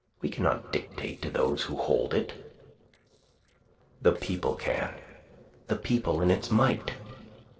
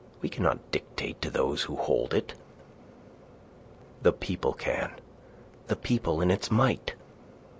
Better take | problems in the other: second | noise reduction (neural separator model SepFormer DNS4)

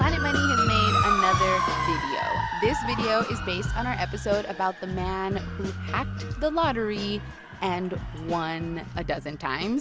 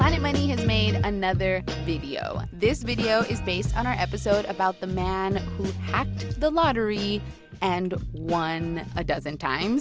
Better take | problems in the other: second | background sound (Motor vehicle (road) / Siren); 3 dB below the speech

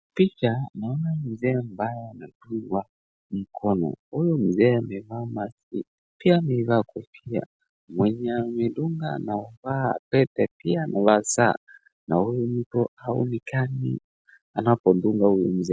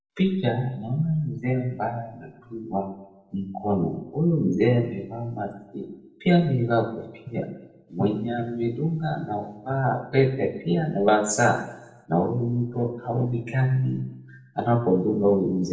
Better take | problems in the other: first | room echo; dies away in 0.6 s

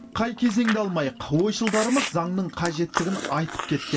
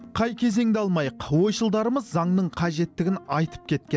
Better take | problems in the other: second | background sound (Chewing, mastication); 9 dB below the speech // room echo; dies away in 0.2 s

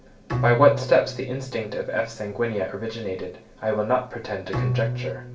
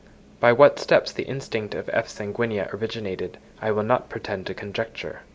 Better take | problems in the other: second | background sound (Bowed string instrument); 6 dB below the speech // room echo; dies away in 0.3 s

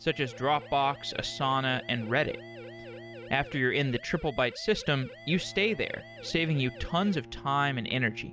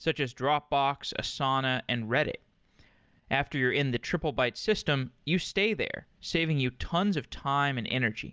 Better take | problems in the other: second | background sound (Bowed string instrument + Siren); 16 dB below the speech

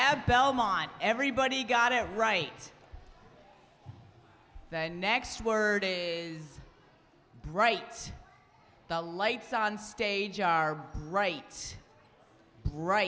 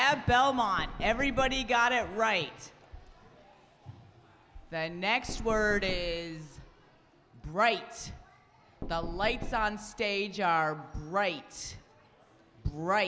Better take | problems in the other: first | background sound (Knock); 10 dB below the speech

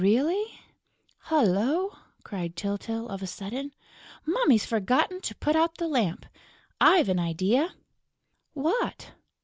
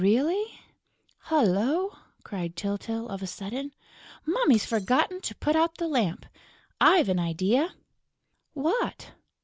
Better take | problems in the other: first | background sound (Shatter); 18 dB below the speech

